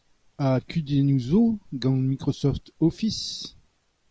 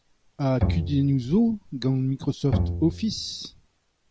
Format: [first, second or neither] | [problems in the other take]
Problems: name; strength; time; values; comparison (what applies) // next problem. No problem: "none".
first | background sound (Bowed string instrument); 4 dB below the speech